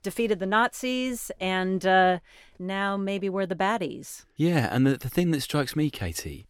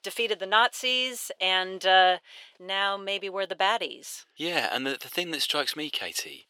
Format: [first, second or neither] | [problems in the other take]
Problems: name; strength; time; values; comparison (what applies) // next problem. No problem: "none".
first | thin; very; fading below 600 Hz